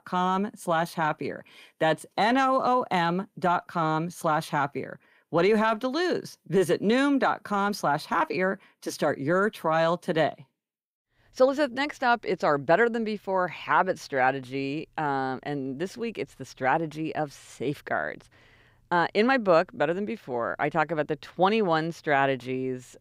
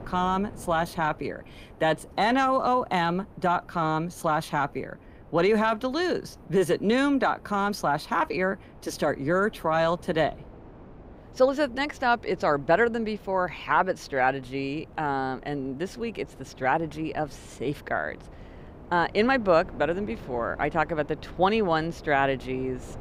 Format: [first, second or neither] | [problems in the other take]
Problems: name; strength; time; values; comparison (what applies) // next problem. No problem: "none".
first | wind noise on the microphone; occasional gusts; 25 dB below the speech